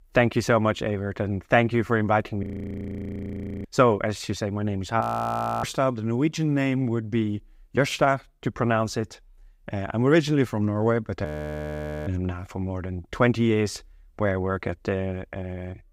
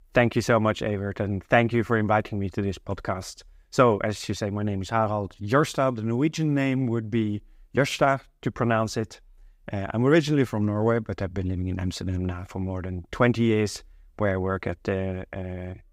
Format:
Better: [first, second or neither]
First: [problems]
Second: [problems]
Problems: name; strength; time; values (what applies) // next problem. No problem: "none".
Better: second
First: audio freezing; at 2.5 s for 1 s, at 5 s for 0.5 s and at 11 s for 1 s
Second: none